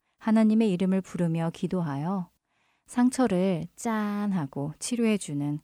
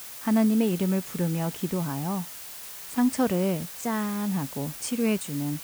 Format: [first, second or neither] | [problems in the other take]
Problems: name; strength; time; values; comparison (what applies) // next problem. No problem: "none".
first | hiss; noticeable; throughout; 10 dB below the speech